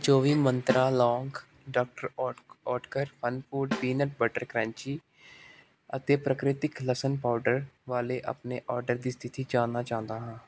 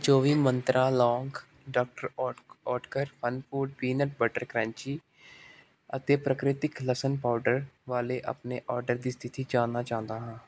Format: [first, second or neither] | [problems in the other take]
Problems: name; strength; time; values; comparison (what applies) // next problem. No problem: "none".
second | background sound (Snare drum); 11 dB below the speech